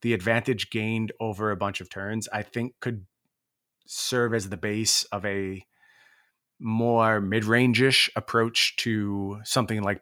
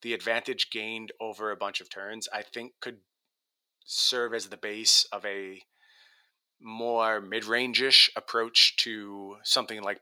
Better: first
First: none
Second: thin; somewhat; fading below 450 Hz

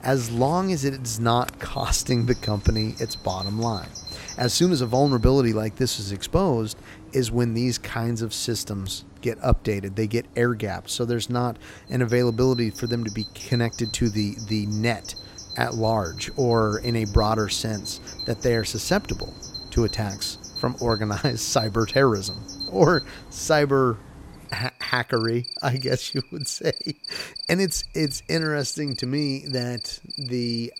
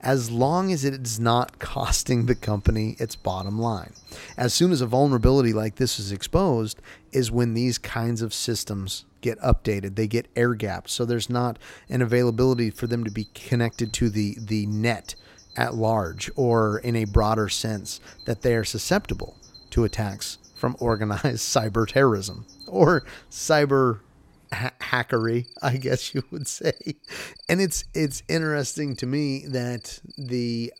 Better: second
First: animal sounds; loud; throughout; 10 dB below the speech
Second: animal sounds; faint; throughout; 20 dB below the speech

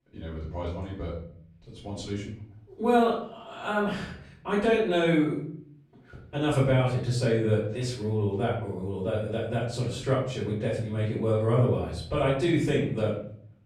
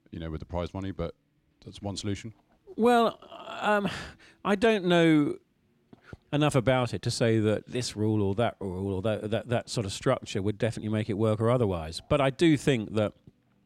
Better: second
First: off-mic speech; far // room echo; noticeable; dies away in 0.6 s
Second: none

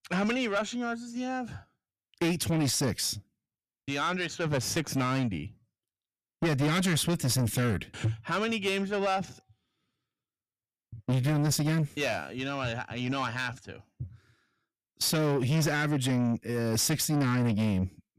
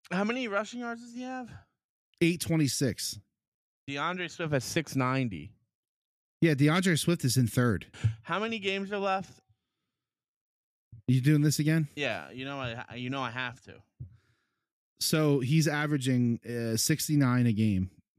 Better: second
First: distortion; heavy; 7 dB below the speech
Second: none

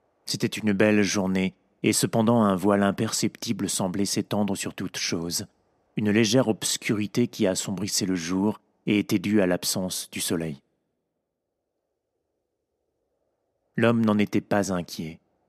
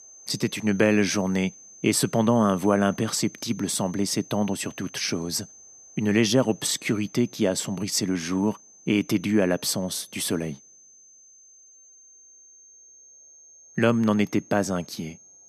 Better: first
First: none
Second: high-pitched whine; faint; throughout; 6.5 kHz, 20 dB below the speech

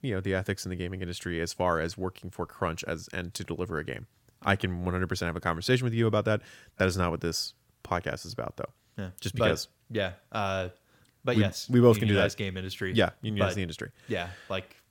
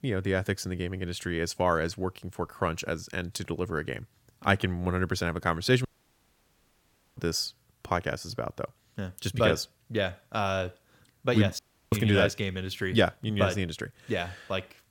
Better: first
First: none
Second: audio cutting out; at 6 s for 1.5 s and at 12 s

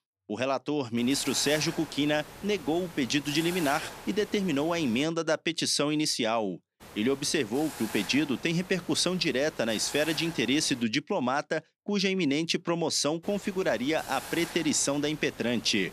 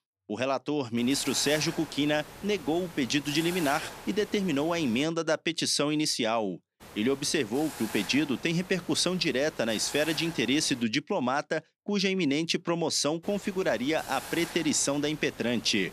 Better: neither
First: hiss; noticeable; from 1 to 5 s, from 7 to 11 s and from 13 s on; 15 dB below the speech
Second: hiss; noticeable; from 1 to 5 s, from 7 to 11 s and from 13 s on; 15 dB below the speech

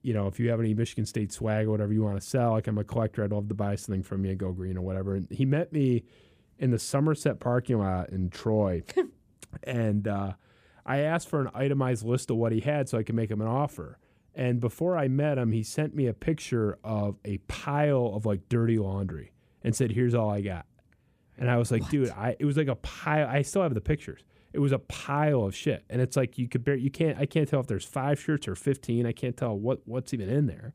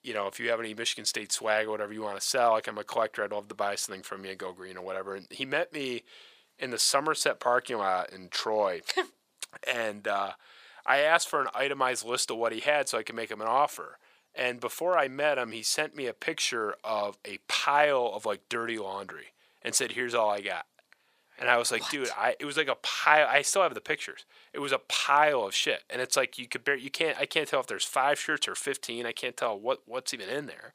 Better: first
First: none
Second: thin; very; fading below 900 Hz

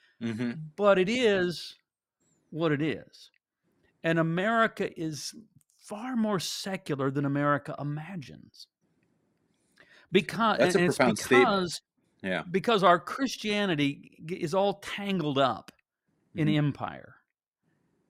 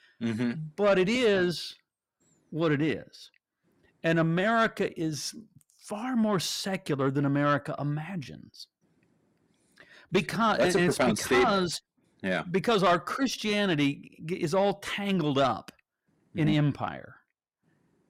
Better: first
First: none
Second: distortion; slight; 10 dB below the speech

